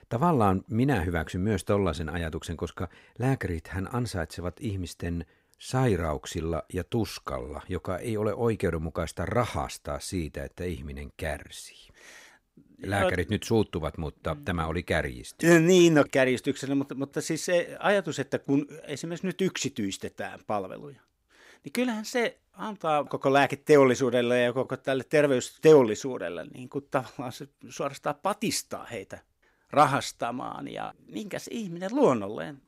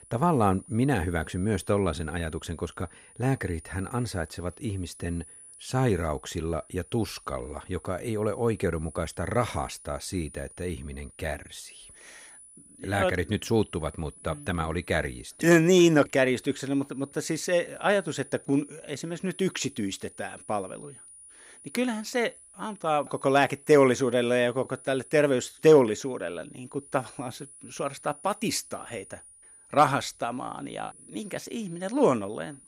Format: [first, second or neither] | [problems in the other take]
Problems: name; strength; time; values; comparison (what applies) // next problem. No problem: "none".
first | high-pitched whine; faint; throughout; 9.5 kHz, 20 dB below the speech